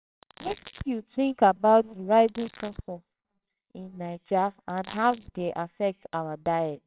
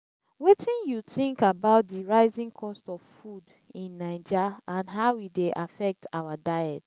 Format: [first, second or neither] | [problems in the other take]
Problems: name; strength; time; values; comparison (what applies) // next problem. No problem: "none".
second | noise reduction (neural separator model SepFormer WHAMR!)